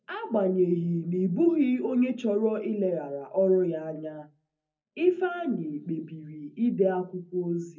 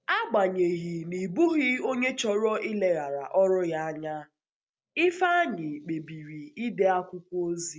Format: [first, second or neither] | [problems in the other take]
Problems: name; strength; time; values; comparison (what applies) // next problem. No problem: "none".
second | room echo; dies away in 0.4 s